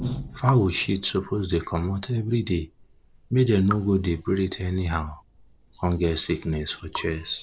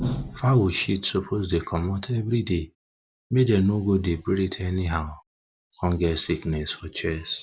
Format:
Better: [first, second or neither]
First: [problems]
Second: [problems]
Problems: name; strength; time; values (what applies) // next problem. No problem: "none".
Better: second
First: noise reduction (neural separator model SepFormer DNS4)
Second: none